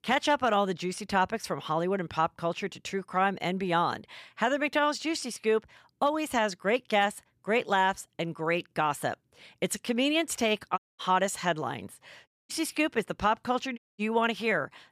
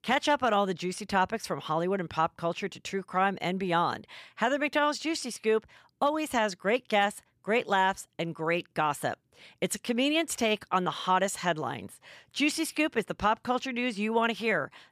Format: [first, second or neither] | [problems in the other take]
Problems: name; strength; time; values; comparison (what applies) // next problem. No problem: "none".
second | audio cutting out; at 11 s, at 12 s and at 14 s